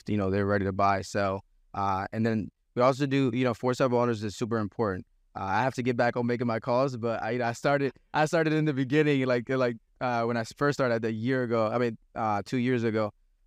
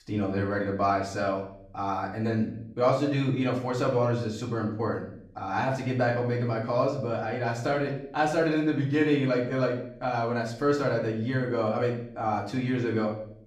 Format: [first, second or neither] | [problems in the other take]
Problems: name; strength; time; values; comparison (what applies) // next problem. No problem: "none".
first | off-mic speech; far // room echo; slight; dies away in 0.6 s